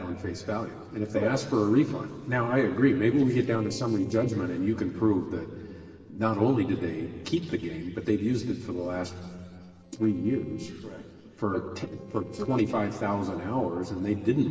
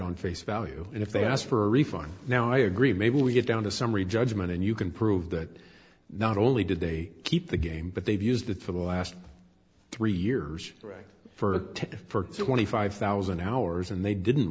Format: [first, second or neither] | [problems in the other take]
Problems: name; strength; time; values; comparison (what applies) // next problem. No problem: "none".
second | noise reduction (neural separator model SepFormer DNS4)